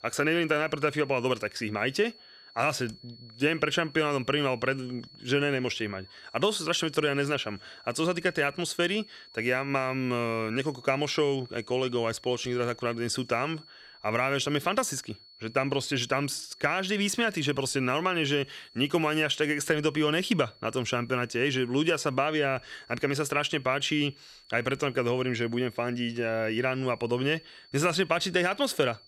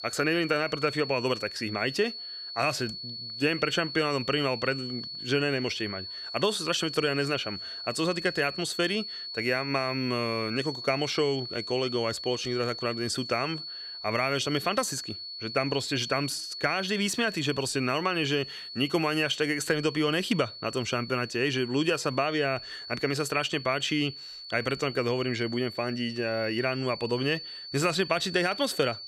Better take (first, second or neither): first